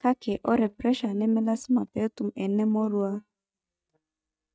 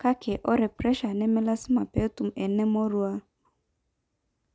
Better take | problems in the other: second | noise reduction (neural mask model DeepFilterNet 3)

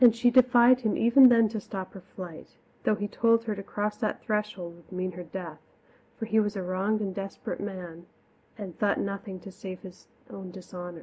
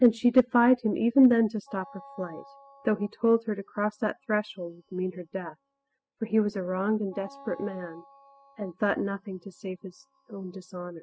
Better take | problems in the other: first | noise reduction (classical method spectral subtraction)

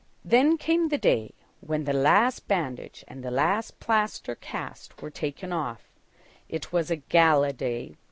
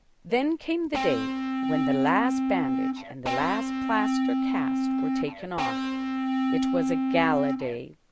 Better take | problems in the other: first | background sound (Electric guitar / Bass guitar); 4 dB above the speech

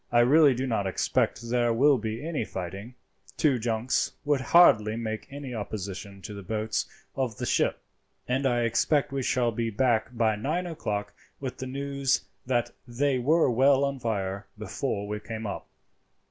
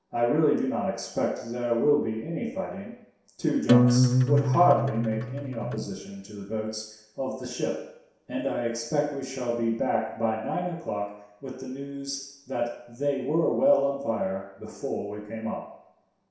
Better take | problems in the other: first | background sound (Acoustic guitar); 4 dB above the speech // room echo; dies away in 0.7 s

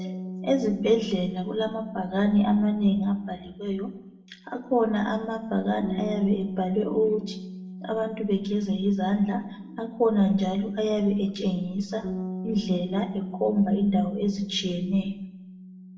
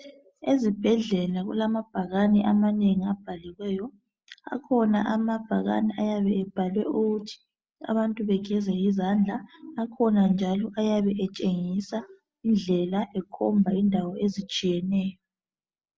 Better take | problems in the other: second | background sound (Bass guitar); 12 dB below the speech // room echo; dies away in 0.6 s

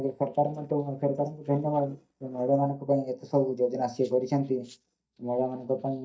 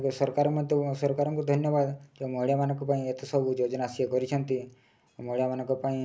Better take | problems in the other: second | noise reduction (neural mask model DeepFilterNet 3)

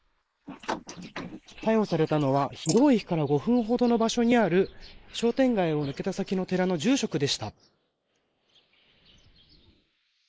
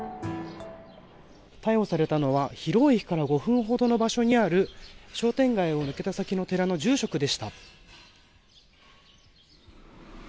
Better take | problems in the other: second | noise reduction (neural mask model Resemble Enhance denoiser)

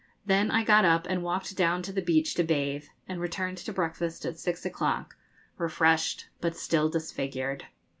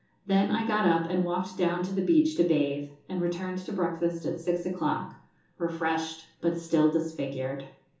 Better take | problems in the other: first | room echo; dies away in 1.2 s

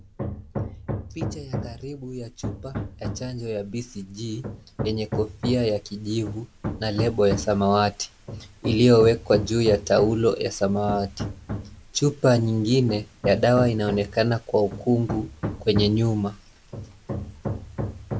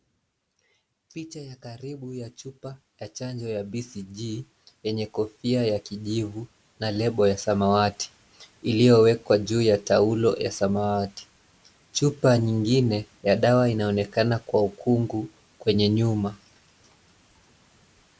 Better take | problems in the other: second | background sound (Hammer); 9 dB below the speech

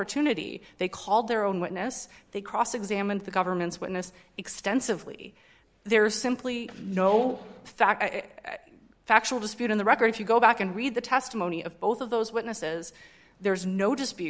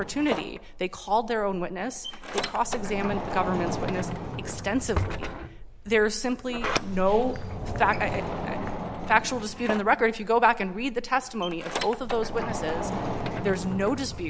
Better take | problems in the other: first | background sound (Sliding door); 5 dB below the speech

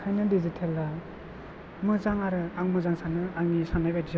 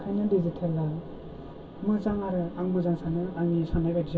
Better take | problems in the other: first | room echo; dies away in 0.2 s

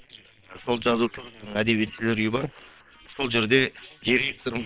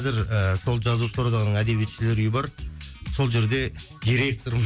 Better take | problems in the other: second | noise reduction (neural separator model SepFormer WHAM!)

